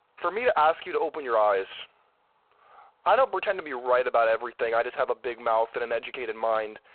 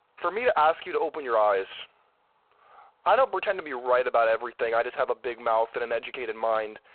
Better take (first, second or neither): neither